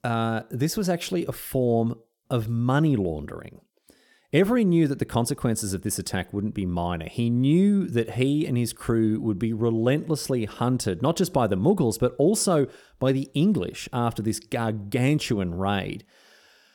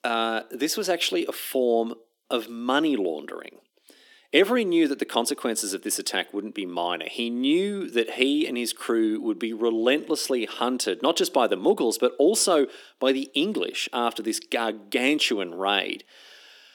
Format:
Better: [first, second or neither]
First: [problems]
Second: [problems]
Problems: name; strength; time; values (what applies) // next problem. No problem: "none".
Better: first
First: none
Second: thin; somewhat; fading below 250 Hz